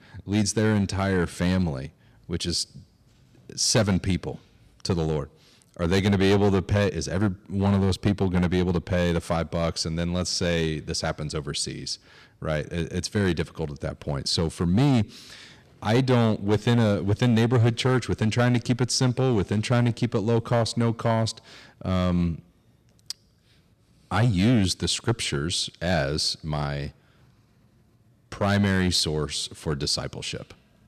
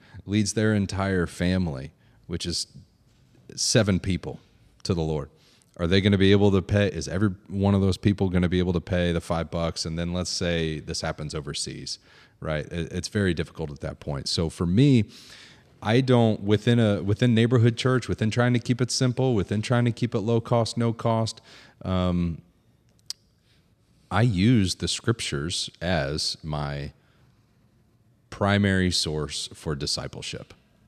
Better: second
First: distortion; slight; 4% of the sound clipped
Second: none

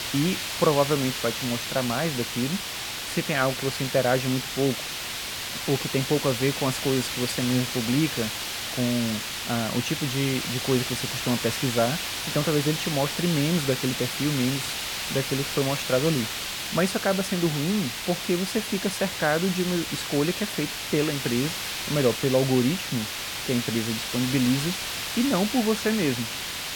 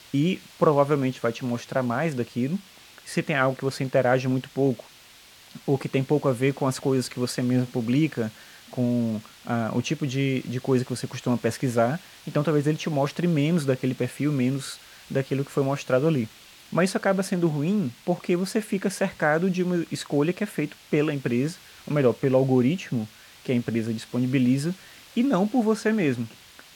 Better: second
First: hiss; loud; throughout; 3 dB below the speech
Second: hiss; faint; throughout; 20 dB below the speech

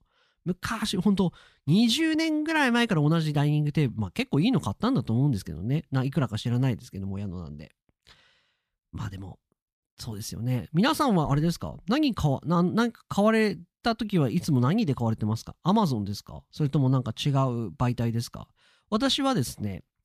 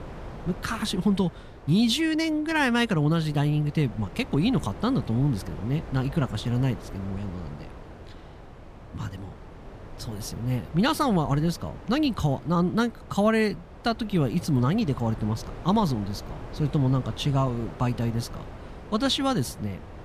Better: first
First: none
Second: wind noise on the microphone; occasional gusts; 15 dB below the speech

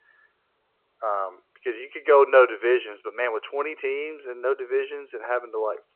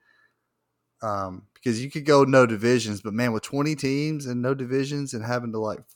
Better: second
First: phone-call audio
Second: none

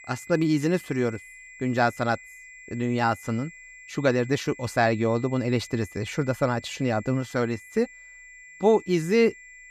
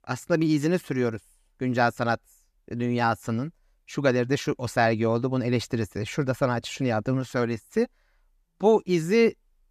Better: second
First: high-pitched whine; noticeable; throughout; 2 kHz, 20 dB below the speech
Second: none

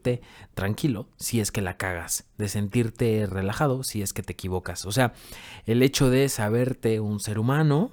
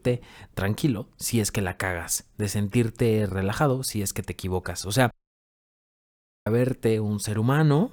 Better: first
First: none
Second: audio cutting out; at 5 s for 1.5 s

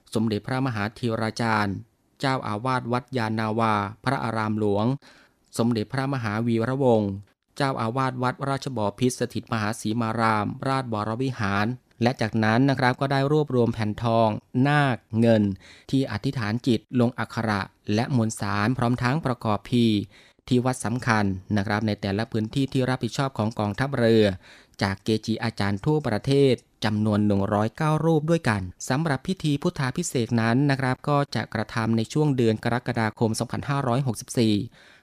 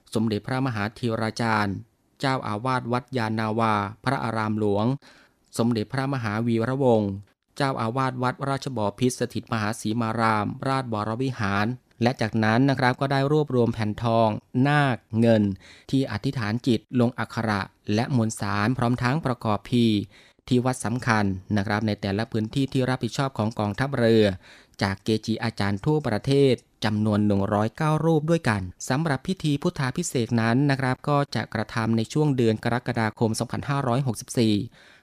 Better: neither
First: none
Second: none

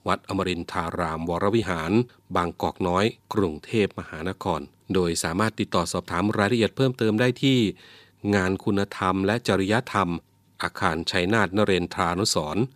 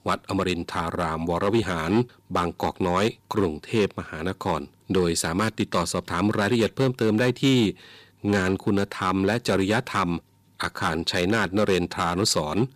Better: first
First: none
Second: distortion; slight; 3% of the sound clipped

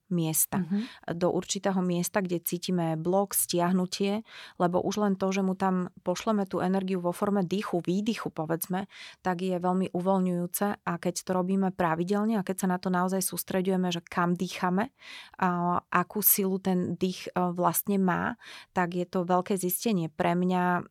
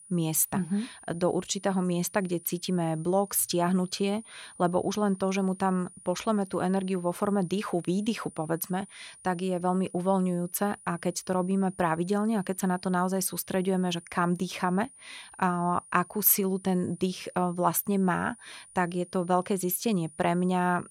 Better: first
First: none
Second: high-pitched whine; faint; throughout; 9.5 kHz, 20 dB below the speech

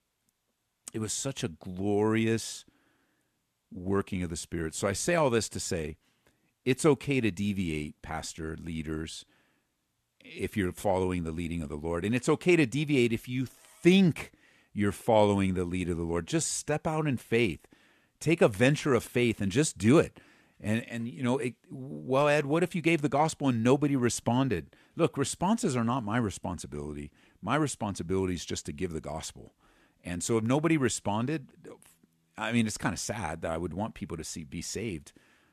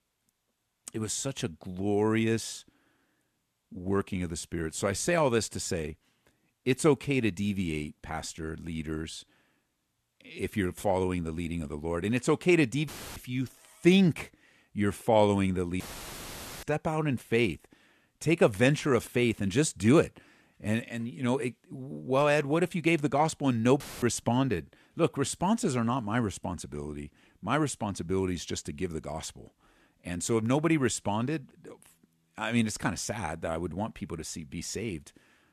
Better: first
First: none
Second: audio cutting out; filled with static; at 13 s, at 16 s for 1 s and at 24 s

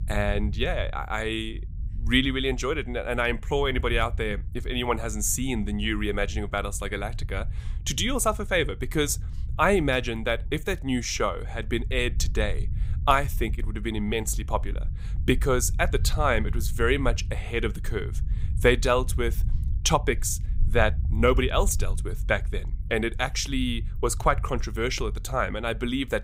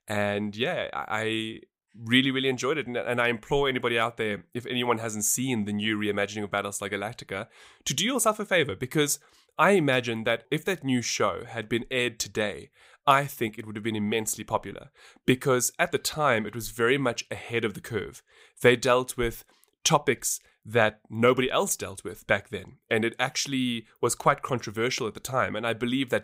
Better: second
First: low rumble; faint; throughout; 25 dB below the speech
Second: none

